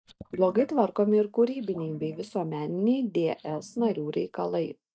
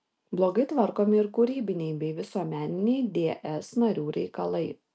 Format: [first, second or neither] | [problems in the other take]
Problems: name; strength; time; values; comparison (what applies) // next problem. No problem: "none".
second | noise reduction (neural mask model DeepFilterNet 3)